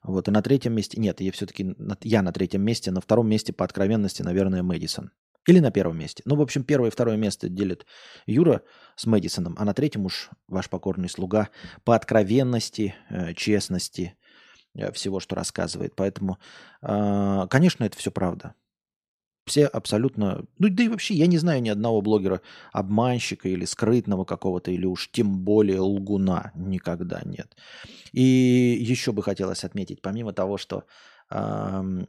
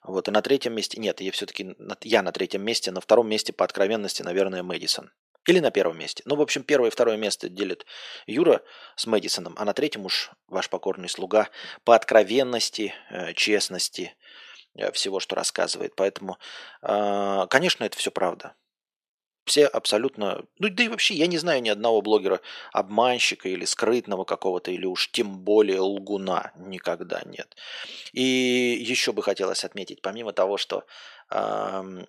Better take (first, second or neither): first